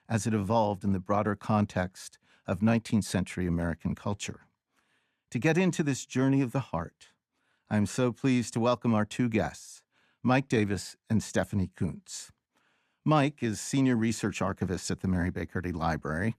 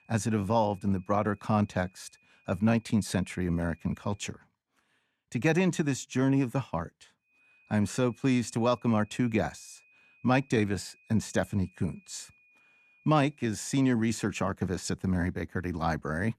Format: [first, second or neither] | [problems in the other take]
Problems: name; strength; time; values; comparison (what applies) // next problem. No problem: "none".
first | high-pitched whine; faint; until 4 s and from 7.5 to 13 s; 2.5 kHz, 30 dB below the speech